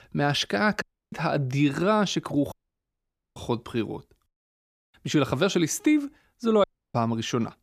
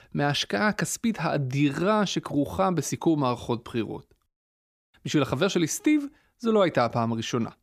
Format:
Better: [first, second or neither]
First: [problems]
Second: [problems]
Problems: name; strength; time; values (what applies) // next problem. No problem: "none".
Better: second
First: audio cutting out; at 1 s, at 2.5 s for 1 s and at 6.5 s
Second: none